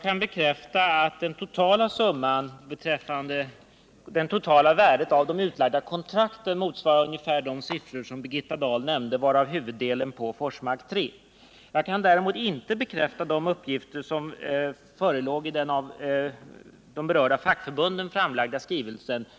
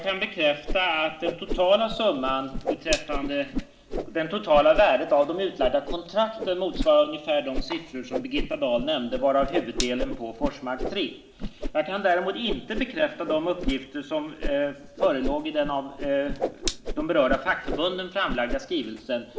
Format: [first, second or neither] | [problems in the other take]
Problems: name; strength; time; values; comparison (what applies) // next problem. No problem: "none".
first | background sound (Whoosh, swoosh, swish); 7 dB below the speech // room echo; dies away in 1.1 s